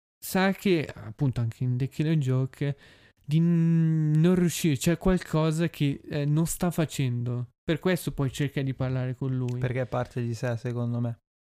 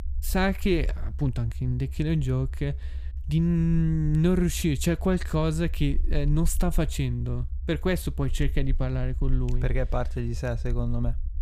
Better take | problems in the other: first | low rumble; faint; throughout; 25 dB below the speech

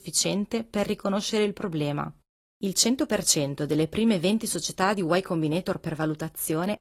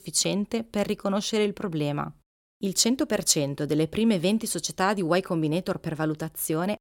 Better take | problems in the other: second | garbled, watery; slightly; nothing above 13.5 kHz

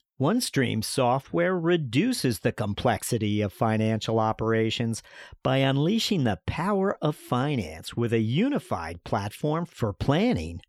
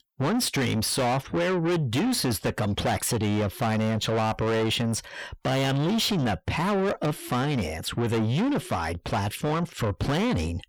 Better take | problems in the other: first | distortion; heavy; 7 dB below the speech

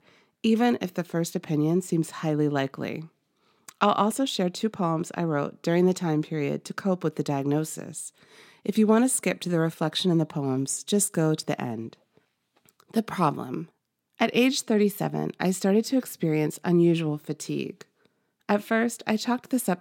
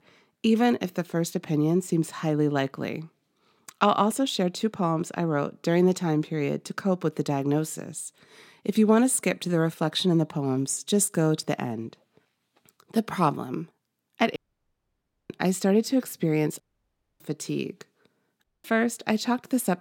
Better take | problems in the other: first | audio cutting out; at 14 s for 1 s, at 17 s for 0.5 s and at 18 s

